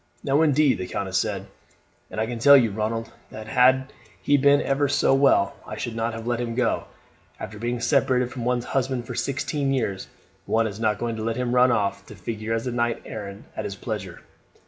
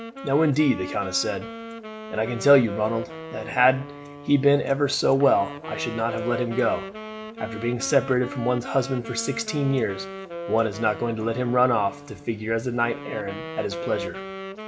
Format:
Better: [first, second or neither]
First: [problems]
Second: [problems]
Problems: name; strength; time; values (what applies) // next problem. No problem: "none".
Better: first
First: none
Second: background sound (Wind instrument, woodwind instrument); 11 dB below the speech